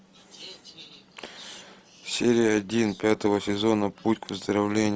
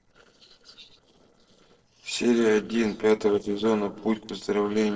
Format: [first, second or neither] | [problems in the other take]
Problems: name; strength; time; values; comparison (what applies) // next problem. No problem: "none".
first | noise reduction (neural separator model SepFormer DNS4)